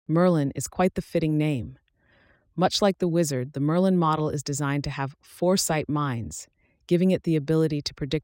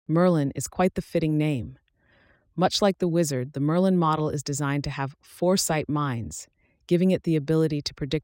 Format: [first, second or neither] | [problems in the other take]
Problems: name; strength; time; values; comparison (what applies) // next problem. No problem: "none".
neither | none